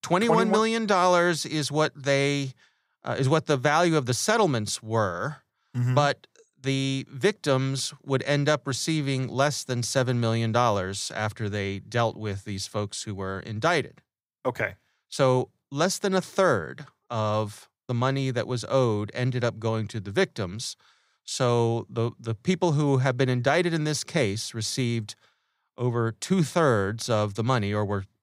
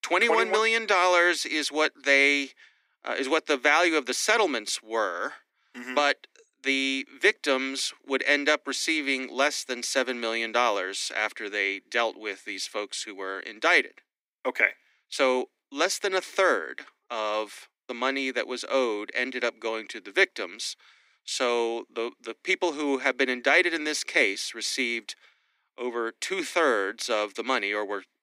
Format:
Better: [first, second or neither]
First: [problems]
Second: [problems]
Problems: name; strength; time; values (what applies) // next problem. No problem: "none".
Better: first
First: none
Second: thin; somewhat; fading below 250 Hz